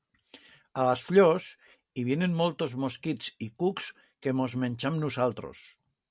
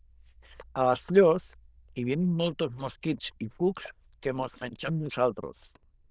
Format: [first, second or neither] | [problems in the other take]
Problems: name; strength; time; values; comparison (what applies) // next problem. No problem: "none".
first | noise reduction (neural diffusion model UNIVERSE++)